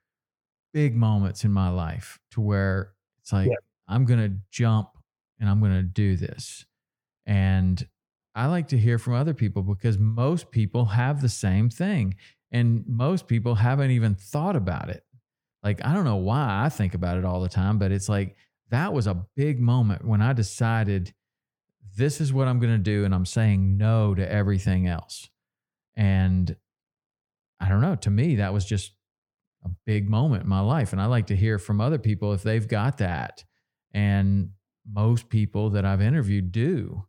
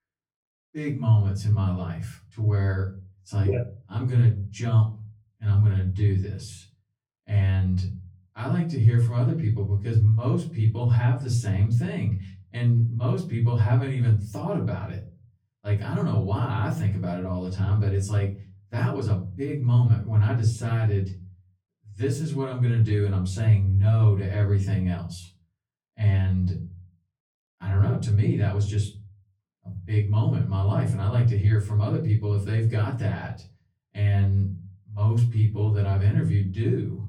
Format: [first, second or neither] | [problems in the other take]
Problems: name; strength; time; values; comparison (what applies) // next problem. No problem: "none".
first | off-mic speech; far // room echo; slight; dies away in 0.3 s